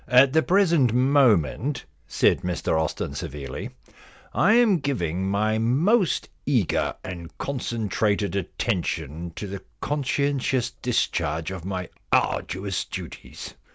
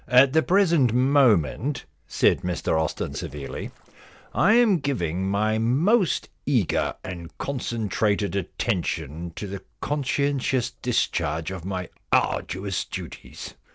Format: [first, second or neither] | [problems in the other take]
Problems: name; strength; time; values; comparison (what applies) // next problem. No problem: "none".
first | noise reduction (neural separator model SepFormer DNS4)